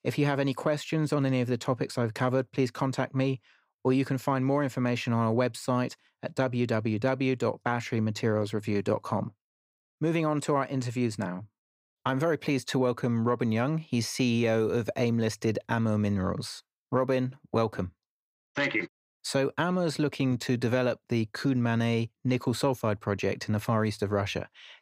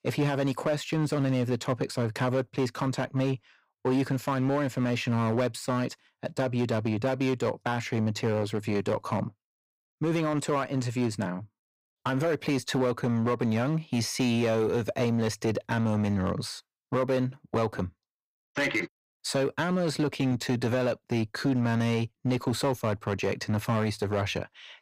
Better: first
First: none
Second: distortion; slight; 8% of the sound clipped

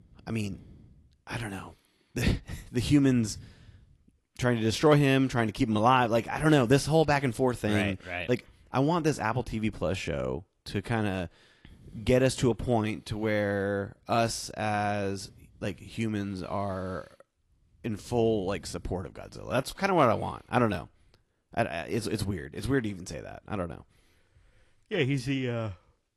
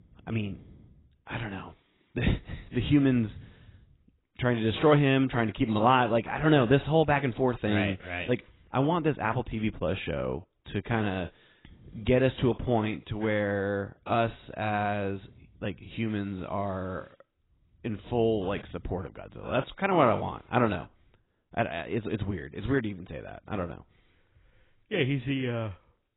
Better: first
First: garbled, watery; slightly; nothing above 11.5 kHz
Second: garbled, watery; badly; nothing above 4 kHz

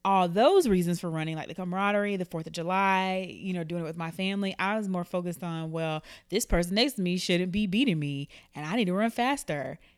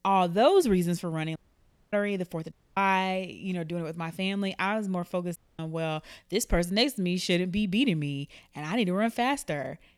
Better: first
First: none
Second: audio cutting out; at 1.5 s for 0.5 s, at 2.5 s and at 5.5 s

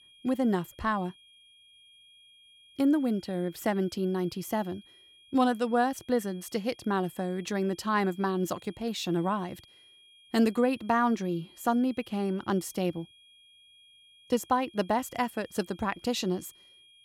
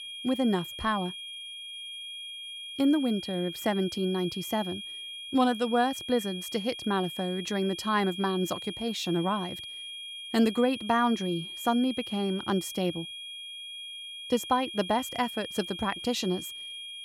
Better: first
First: high-pitched whine; faint; throughout; 3.5 kHz, 25 dB below the speech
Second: high-pitched whine; loud; throughout; 3.5 kHz, 9 dB below the speech

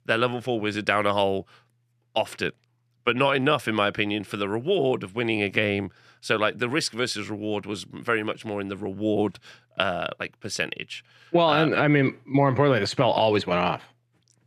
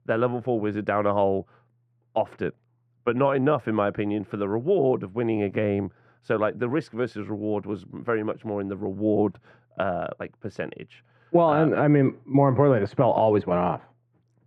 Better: first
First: none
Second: muffled; very; fading above 2 kHz

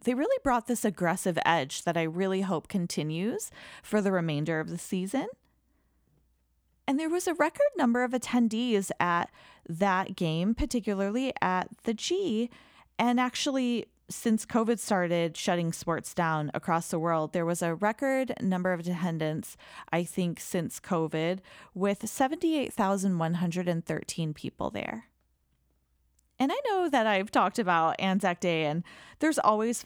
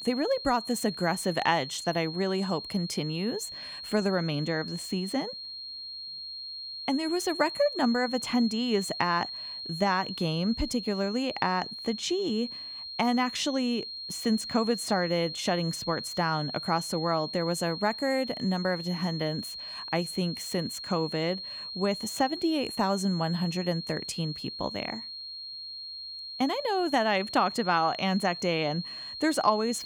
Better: first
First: none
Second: high-pitched whine; loud; throughout; 4 kHz, 7 dB below the speech

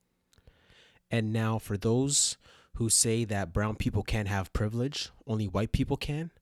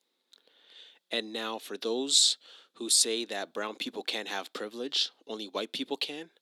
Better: first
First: none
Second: thin; somewhat; fading below 300 Hz

